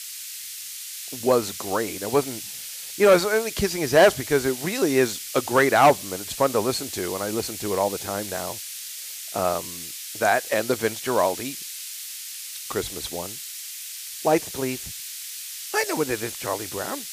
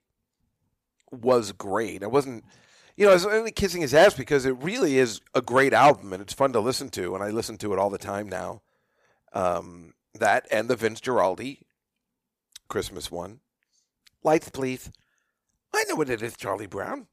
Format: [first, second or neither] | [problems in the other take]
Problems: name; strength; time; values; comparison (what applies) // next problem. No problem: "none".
second | hiss; loud; throughout; 9 dB below the speech